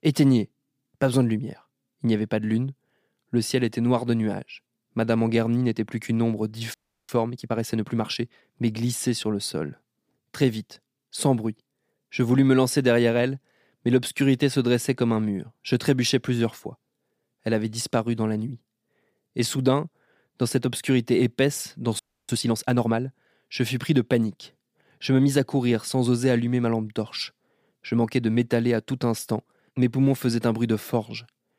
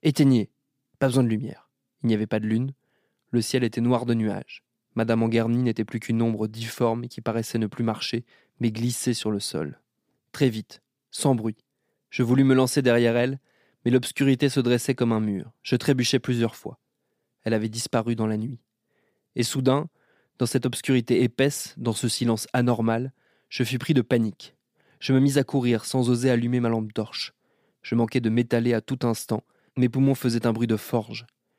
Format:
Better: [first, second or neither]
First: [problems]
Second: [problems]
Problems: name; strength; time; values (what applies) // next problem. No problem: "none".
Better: second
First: audio freezing; at 6.5 s and at 22 s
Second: none